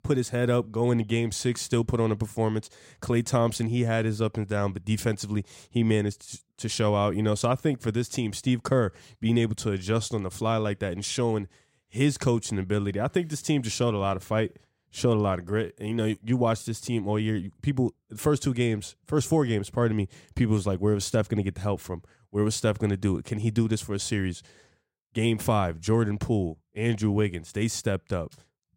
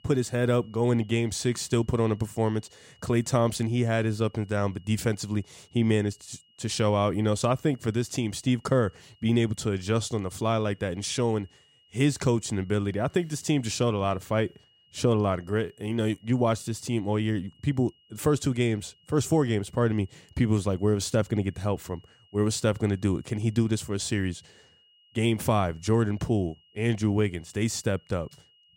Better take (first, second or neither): first